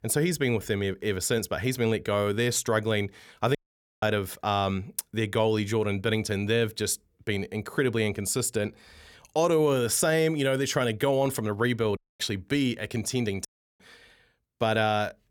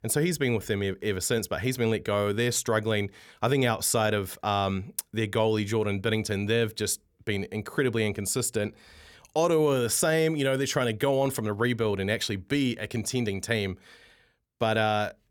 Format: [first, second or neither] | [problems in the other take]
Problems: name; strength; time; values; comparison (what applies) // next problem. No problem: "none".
second | audio cutting out; at 3.5 s, at 12 s and at 13 s